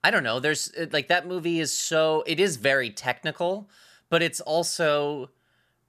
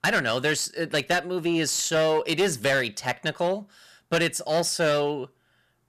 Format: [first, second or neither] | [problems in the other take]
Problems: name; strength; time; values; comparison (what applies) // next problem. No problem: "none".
first | distortion; slight; 9% of the sound clipped